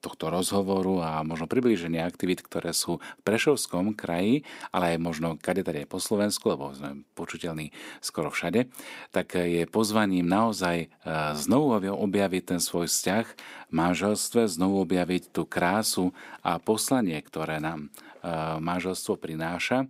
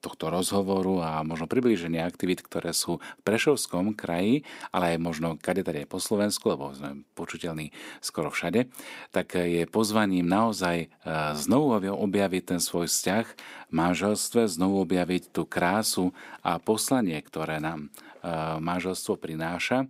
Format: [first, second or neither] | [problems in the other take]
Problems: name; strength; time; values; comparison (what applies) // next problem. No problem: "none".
neither | none